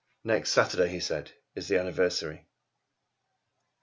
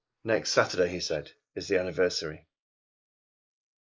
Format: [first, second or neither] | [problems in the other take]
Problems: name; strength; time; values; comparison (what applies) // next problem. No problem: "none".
first | noise reduction (neural mask model Resemble Enhance denoiser)